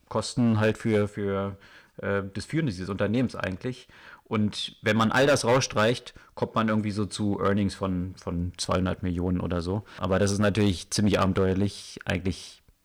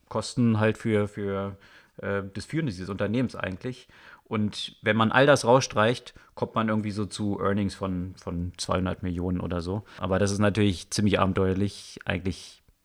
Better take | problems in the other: second | distortion; slight; 3% of the sound clipped

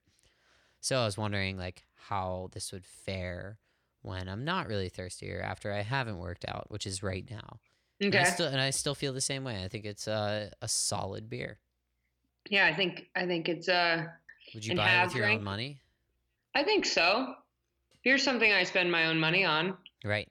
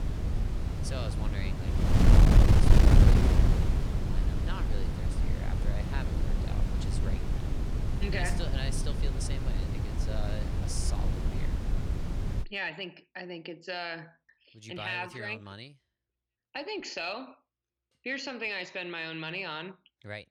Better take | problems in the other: first | wind noise on the microphone; heavy; until 12 s; 1 dB below the speech

